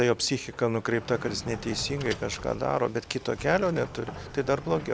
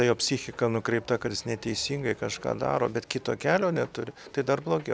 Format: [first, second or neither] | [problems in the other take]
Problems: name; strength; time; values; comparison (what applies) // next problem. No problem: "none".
second | background sound (Sliding door); 14 dB below the speech